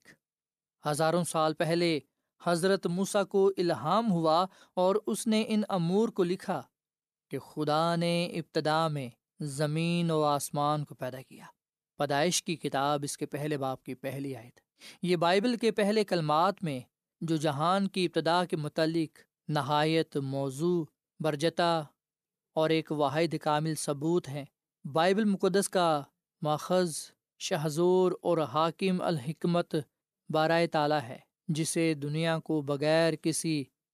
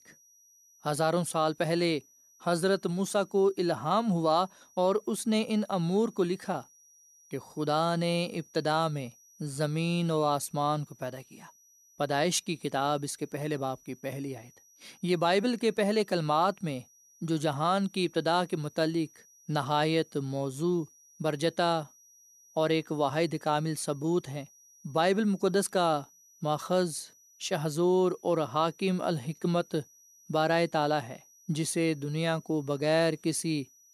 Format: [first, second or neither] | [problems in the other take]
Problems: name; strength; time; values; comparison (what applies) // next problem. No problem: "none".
first | high-pitched whine; faint; throughout; 6 kHz, 30 dB below the speech